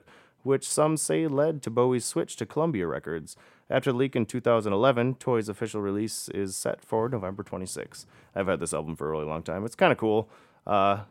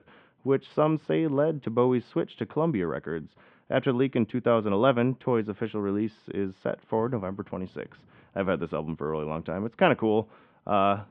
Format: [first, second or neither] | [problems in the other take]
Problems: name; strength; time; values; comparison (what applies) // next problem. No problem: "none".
first | muffled; very; fading above 3.5 kHz